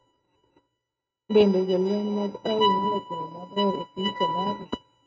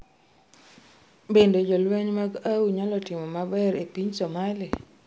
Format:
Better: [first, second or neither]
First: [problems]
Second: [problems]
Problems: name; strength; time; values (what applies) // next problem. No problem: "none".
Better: second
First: noise reduction (neural mask model RNNoise)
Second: none